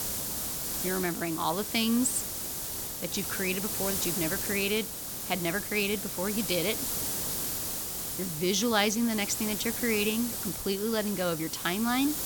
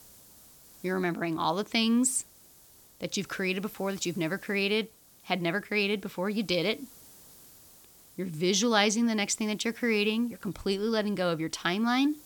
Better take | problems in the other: second | hiss; loud; throughout; 2 dB below the speech; faint in the second

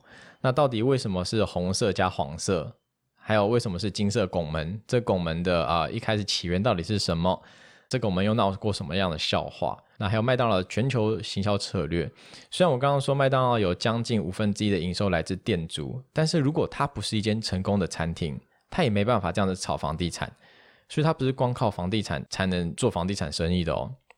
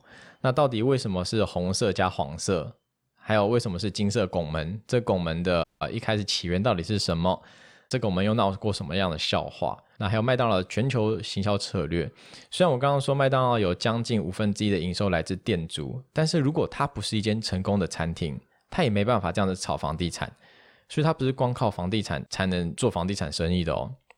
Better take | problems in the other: first | audio cutting out; at 5.5 s

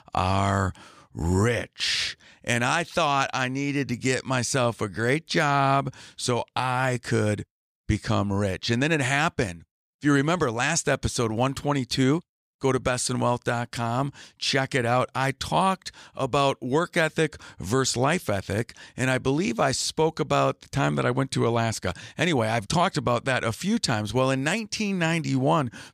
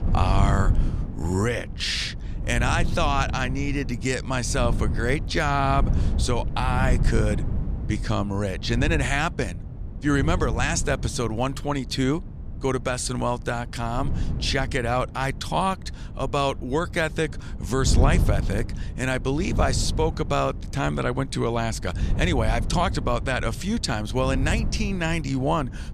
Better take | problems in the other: first | wind noise on the microphone; occasional gusts; 15 dB below the speech

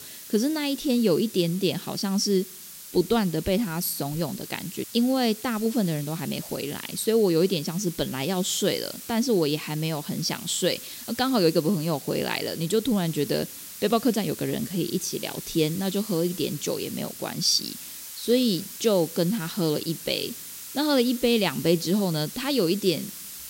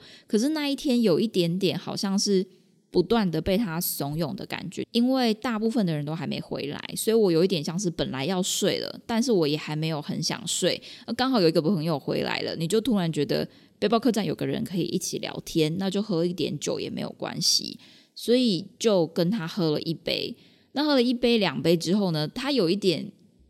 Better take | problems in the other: second | hiss; noticeable; throughout; 10 dB below the speech

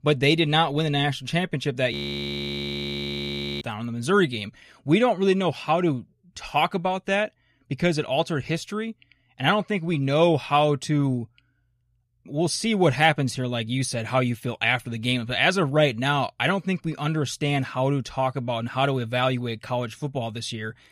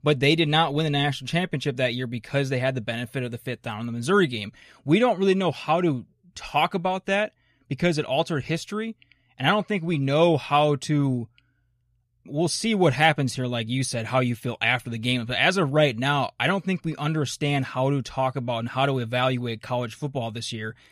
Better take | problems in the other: second | audio freezing; at 2 s for 1.5 s

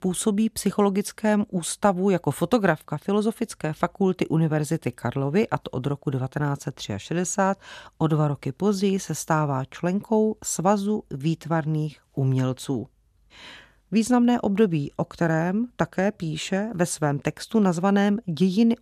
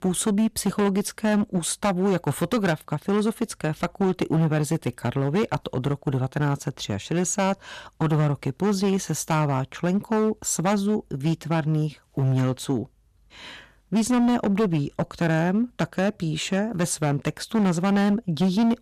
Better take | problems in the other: first | distortion; slight; 10% of the sound clipped

